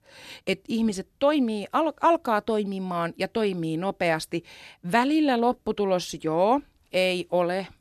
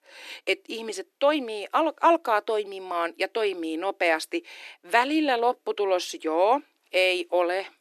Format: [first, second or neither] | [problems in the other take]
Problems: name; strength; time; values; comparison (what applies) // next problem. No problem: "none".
first | thin; somewhat; fading below 350 Hz